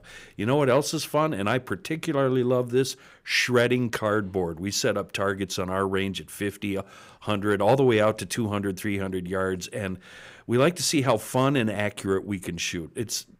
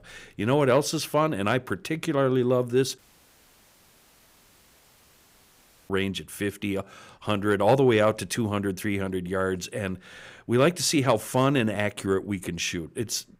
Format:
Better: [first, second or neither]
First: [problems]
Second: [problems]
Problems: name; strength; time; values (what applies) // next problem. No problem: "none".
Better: first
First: none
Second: audio cutting out; at 3 s for 3 s